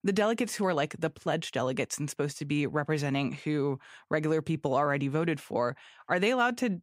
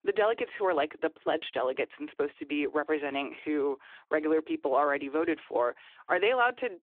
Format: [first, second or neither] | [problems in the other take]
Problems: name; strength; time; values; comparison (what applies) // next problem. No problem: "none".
first | phone-call audio